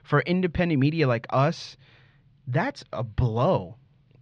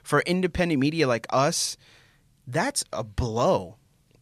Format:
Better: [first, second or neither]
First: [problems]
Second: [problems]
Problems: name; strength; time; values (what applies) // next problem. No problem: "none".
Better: second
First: muffled; slightly; fading above 4 kHz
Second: none